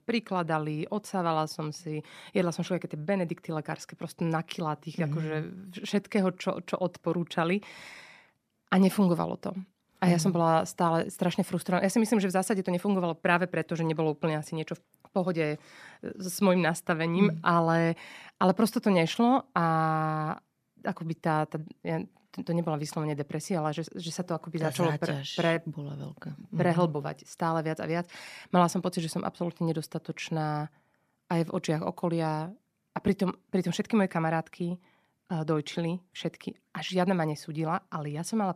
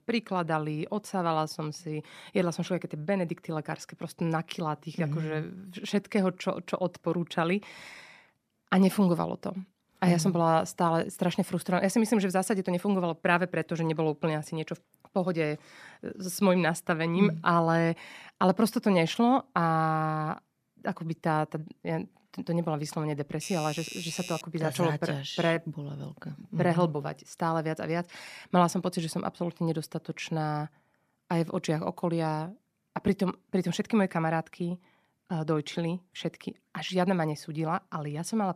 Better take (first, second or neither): first